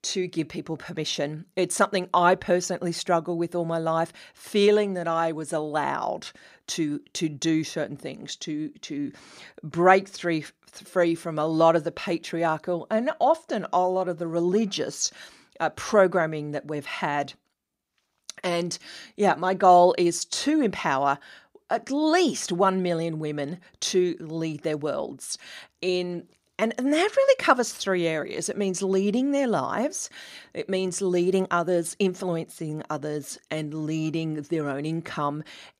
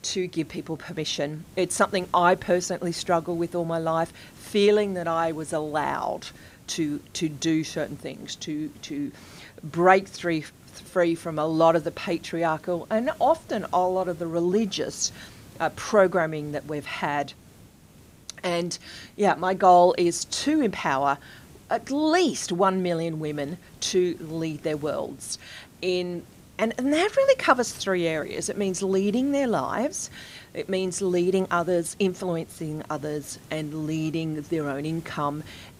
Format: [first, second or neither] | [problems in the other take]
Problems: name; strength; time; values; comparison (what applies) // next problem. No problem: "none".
first | hiss; faint; throughout; 25 dB below the speech